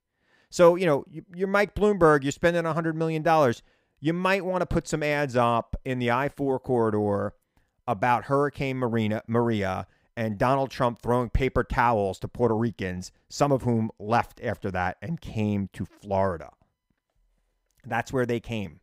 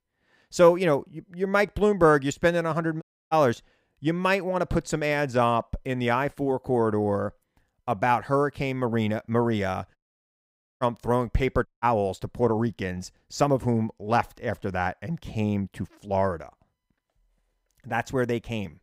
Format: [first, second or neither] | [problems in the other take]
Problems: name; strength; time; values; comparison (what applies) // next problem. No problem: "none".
first | audio cutting out; at 3 s, at 10 s for 1 s and at 12 s